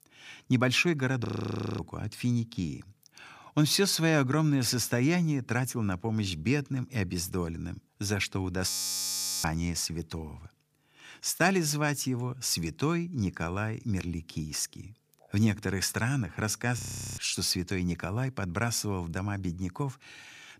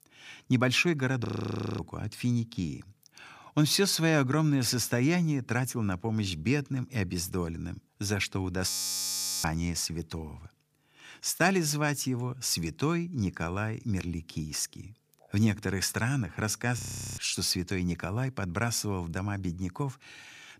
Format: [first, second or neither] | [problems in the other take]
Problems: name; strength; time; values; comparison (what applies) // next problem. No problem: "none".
neither | audio freezing; at 1.5 s for 0.5 s, at 8.5 s for 1 s and at 17 s; the same in both